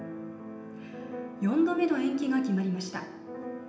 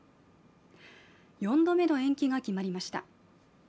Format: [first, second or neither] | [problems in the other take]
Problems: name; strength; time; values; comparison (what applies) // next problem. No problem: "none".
second | background sound (Keyboard (musical)); 11 dB below the speech // room echo; dies away in 0.8 s